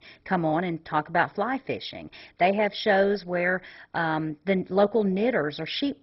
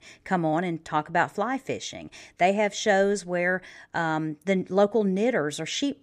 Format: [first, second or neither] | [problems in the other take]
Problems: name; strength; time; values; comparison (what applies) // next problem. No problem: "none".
second | garbled, watery; badly; nothing above 5.5 kHz